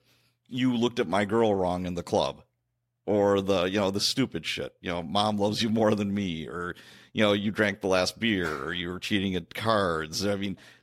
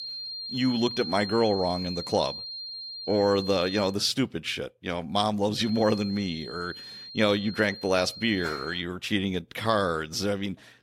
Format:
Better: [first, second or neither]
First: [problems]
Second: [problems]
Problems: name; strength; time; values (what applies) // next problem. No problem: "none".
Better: first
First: none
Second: high-pitched whine; loud; until 4 s and from 5.5 to 9 s; 4 kHz, 9 dB below the speech